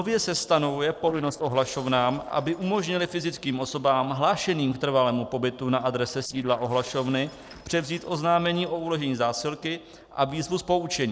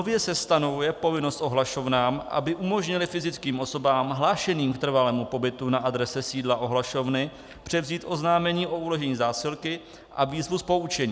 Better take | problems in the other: second | noise reduction (neural separator model SepFormer DNS4)

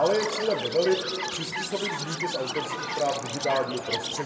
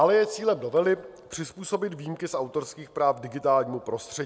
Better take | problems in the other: second | background sound (Chirp, tweet); 4 dB below the speech // room echo; dies away in 1.6 s

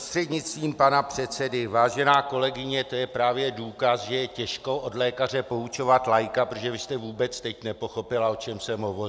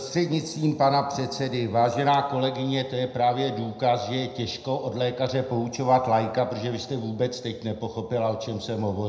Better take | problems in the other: first | room echo; dies away in 0.8 s

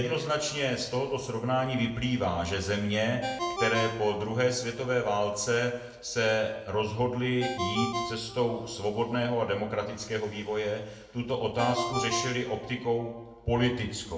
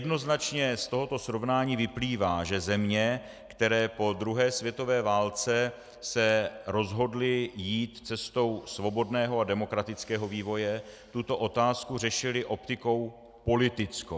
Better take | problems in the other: second | background sound (Ringtone); 10 dB below the speech // room echo; dies away in 0.7 s

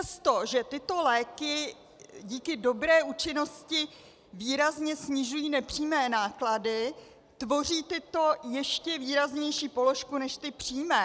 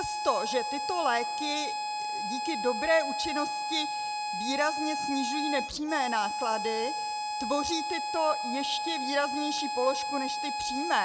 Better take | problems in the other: first | background sound (Harmonica); 1 dB below the speech

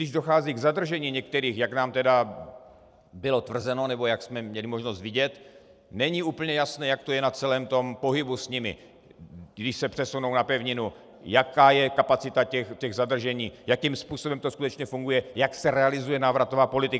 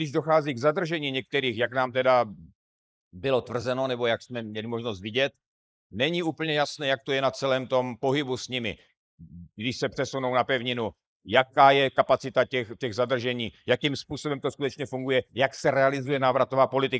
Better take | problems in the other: first | noise reduction (neural mask model Resemble Enhance denoiser)

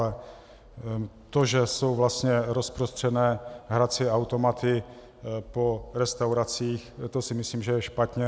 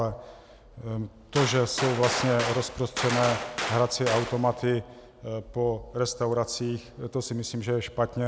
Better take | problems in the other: first | background sound (Gunshot, gunfire); 5 dB below the speech

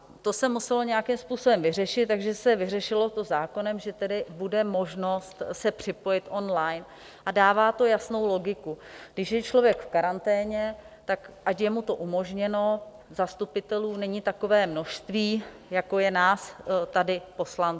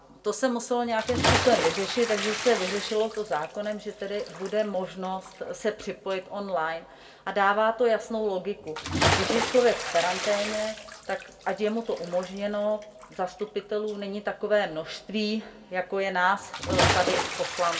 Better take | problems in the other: first | background sound (Bathtub (filling or washing) / Splash, splatter); 5 dB below the speech // room echo; dies away in 0.6 s

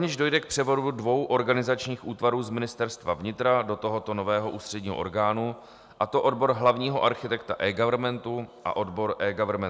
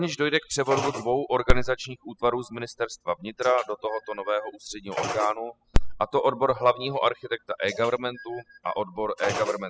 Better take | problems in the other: first | noise reduction (classical method spectral subtraction)

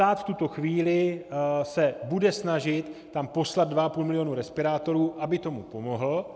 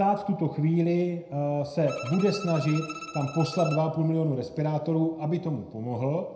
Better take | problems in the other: first | background sound (Bowed string instrument); 14 dB below the speech // room echo; dies away in 0.5 s

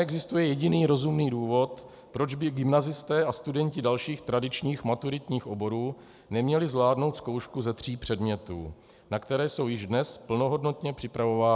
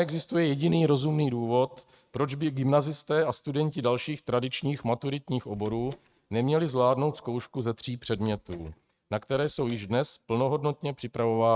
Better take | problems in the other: first | noise reduction (neural mask model RNNoise)

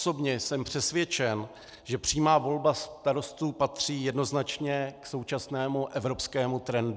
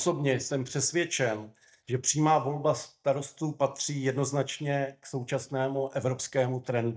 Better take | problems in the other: first | noise reduction (neural mask model DeepFilterNet 3)

